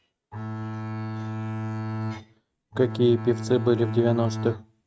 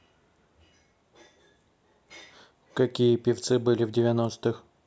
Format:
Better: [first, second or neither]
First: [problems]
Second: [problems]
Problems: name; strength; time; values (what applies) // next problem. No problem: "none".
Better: second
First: noise reduction (neural mask model RNNoise)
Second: none